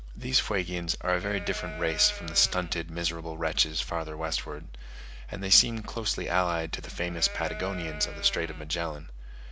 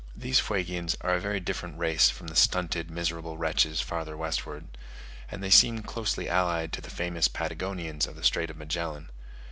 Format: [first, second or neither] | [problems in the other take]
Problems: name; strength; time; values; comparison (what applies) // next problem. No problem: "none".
second | background sound (Livestock, farm animals, working animals); 12 dB below the speech